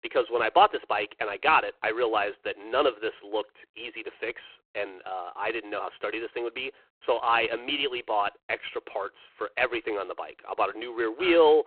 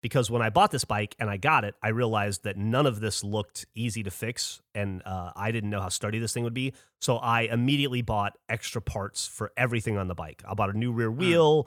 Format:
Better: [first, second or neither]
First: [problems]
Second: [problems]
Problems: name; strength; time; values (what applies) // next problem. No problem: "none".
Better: second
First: phone-call audio; poor line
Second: none